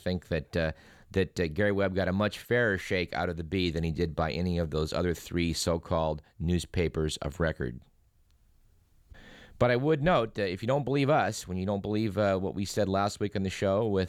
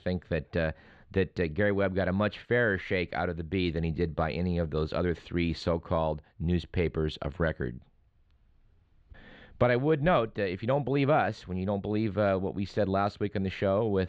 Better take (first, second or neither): first